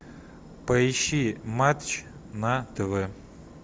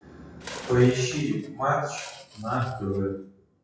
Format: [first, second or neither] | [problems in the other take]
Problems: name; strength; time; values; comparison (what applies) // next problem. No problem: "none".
first | noise reduction (classical method WPE with log-MMSE)